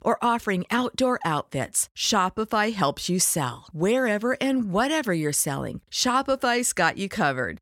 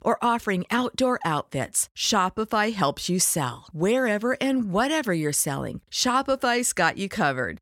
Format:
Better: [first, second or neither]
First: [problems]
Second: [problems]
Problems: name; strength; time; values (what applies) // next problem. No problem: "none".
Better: neither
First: none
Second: none